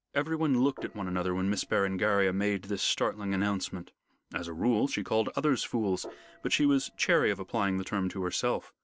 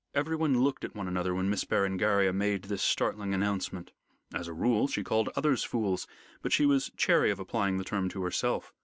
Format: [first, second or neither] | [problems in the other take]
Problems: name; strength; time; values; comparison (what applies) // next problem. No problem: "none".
second | noise reduction (neural separator model SepFormer DNS4)